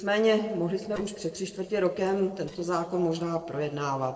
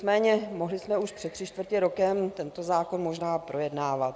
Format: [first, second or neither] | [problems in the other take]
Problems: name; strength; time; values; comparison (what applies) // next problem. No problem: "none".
second | noise reduction (neural separator model SepFormer DNS4)